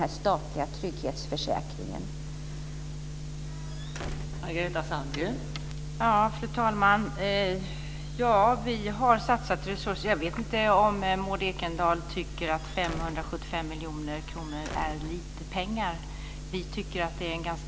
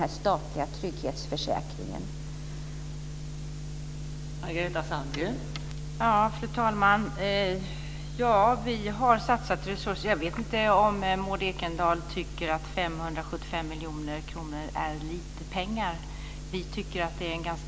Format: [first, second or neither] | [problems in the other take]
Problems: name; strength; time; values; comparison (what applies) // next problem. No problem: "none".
second | background sound (Squeak / Slam / Wood); 13 dB below the speech